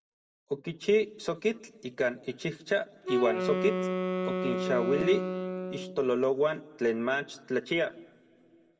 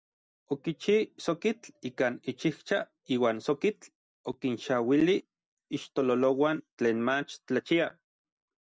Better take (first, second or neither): second